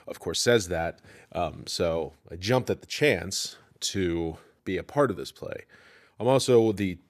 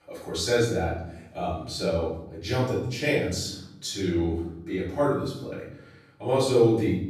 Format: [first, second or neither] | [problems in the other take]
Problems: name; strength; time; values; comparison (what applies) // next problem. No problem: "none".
first | off-mic speech; far // room echo; noticeable; dies away in 0.9 s